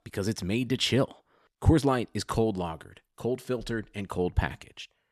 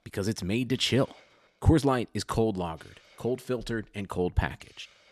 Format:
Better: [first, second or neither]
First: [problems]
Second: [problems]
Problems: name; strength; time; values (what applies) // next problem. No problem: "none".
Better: first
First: none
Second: hiss; faint; until 1.5 s and from 3 s on; 30 dB below the speech